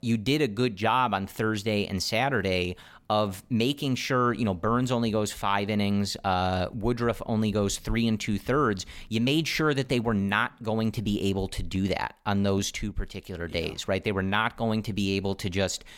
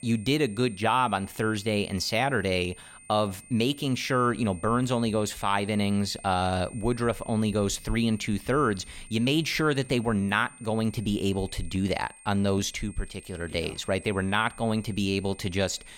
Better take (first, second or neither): first